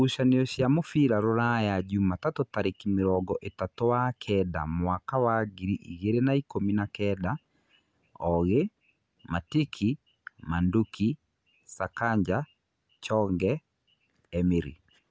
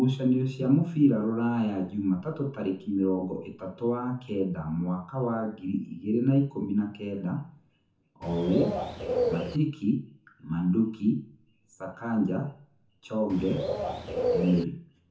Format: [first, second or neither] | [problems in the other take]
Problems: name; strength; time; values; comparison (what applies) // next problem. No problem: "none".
first | background sound (Bird); 2 dB below the speech // room echo; dies away in 0.7 s